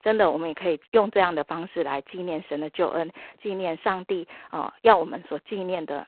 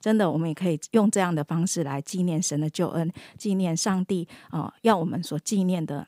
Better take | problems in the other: second | phone-call audio; poor line; nothing above 4 kHz

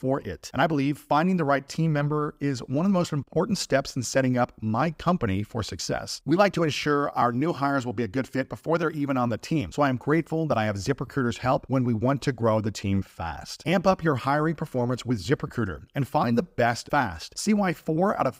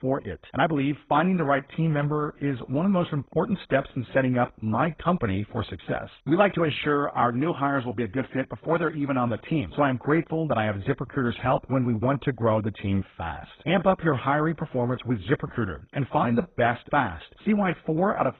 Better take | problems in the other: first | garbled, watery; badly; nothing above 4 kHz

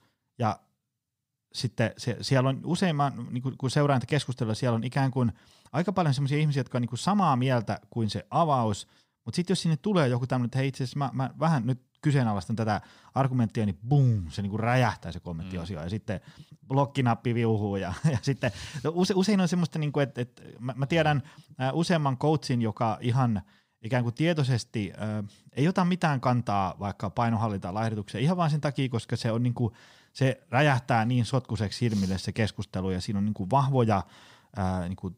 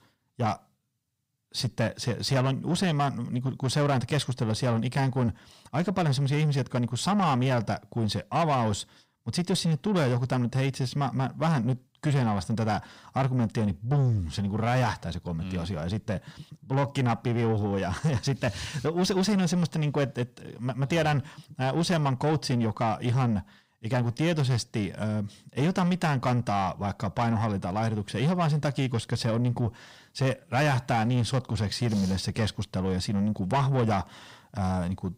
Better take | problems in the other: first | distortion; slight; 10 dB below the speech

